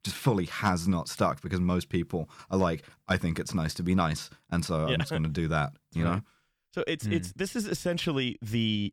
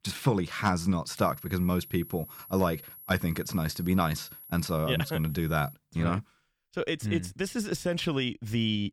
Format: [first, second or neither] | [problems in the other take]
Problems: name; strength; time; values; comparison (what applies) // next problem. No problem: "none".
first | high-pitched whine; noticeable; from 1 to 5.5 s; 11.5 kHz, 15 dB below the speech